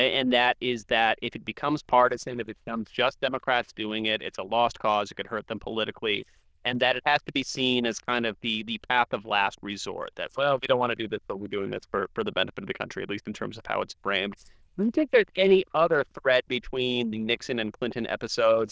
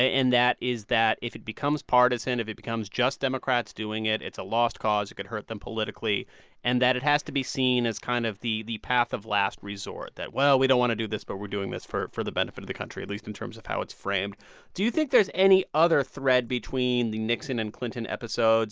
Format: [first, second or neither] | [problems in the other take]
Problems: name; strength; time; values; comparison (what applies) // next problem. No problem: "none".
second | noise reduction (neural diffusion model UNIVERSE++)